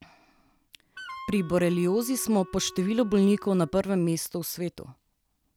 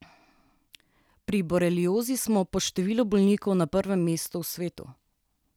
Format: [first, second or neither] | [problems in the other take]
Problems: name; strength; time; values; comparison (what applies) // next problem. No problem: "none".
second | background sound (Wind instrument, woodwind instrument); 18 dB below the speech